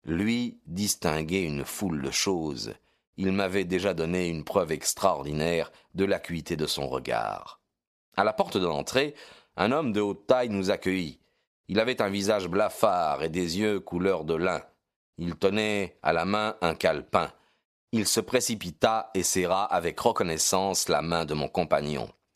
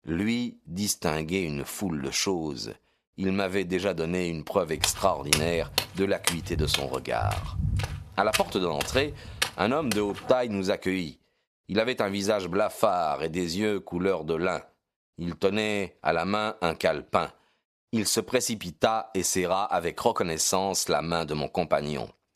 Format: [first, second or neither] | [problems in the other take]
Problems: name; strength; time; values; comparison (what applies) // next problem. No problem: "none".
first | footsteps; loud; from 5 to 10 s; peak 2 dB above the speech